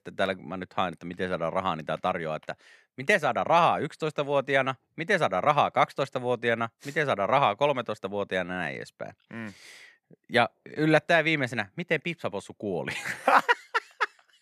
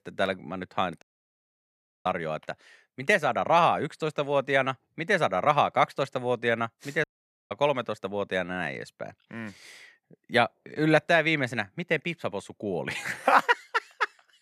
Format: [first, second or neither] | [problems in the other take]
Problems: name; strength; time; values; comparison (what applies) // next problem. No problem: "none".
first | audio cutting out; at 1 s for 1 s and at 7 s